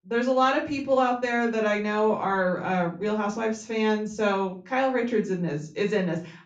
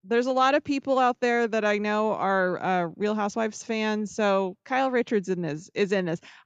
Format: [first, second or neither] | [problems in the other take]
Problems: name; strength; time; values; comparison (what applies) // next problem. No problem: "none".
second | off-mic speech; far // room echo; very slight; dies away in 0.3 s